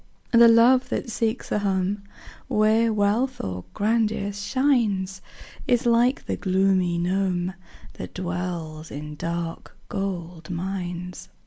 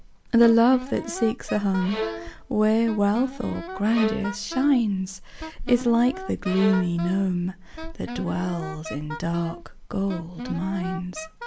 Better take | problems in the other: first | background sound (Bowed string instrument + Wind instrument, woodwind instrument); 11 dB below the speech

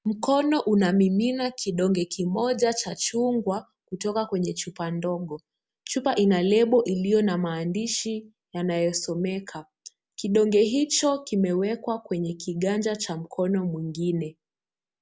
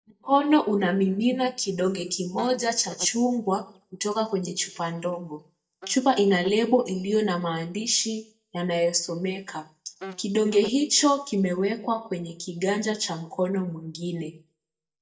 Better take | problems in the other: first | noise reduction (neural mask model DeepFilterNet 3)

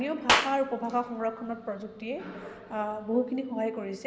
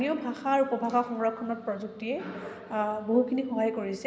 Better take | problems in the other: second | background sound (Clapping); 2 dB below the speech

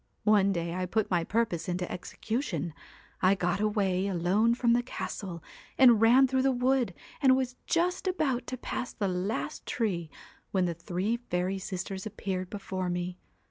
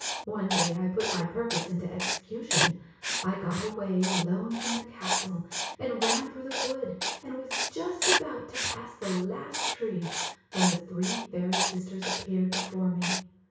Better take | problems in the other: first | background sound (Writing); 1 dB below the speech // room echo; dies away in 0.6 s

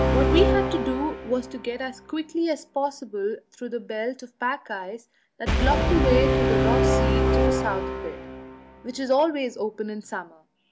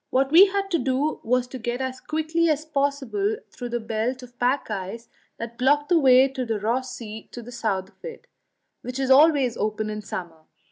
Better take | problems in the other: second | background sound (Brass instrument); 2 dB above the speech

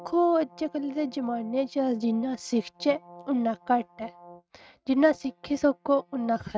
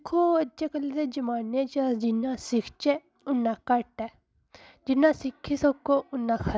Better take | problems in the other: second | noise reduction (neural mask model RNNoise)

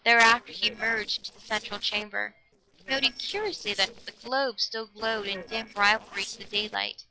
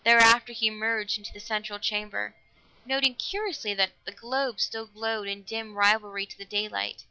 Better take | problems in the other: second | noise reduction (neural separator model SepFormer DNS4)

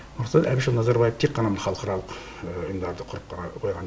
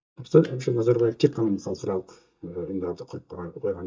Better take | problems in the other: first | noise reduction (neural mask model DeepFilterNet 3)

